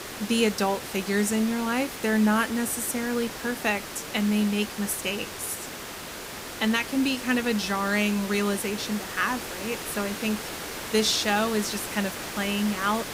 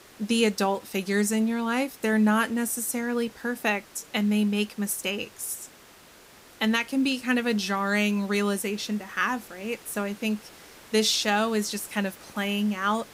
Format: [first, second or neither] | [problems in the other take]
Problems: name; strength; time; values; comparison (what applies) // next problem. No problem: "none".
second | hiss; loud; throughout; 8 dB below the speech; faint in the second